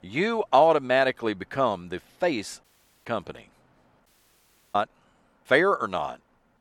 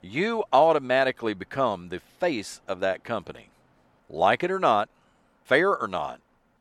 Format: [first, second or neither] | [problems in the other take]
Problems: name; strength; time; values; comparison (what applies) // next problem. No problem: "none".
second | audio cutting out; at 2.5 s and at 4 s for 0.5 s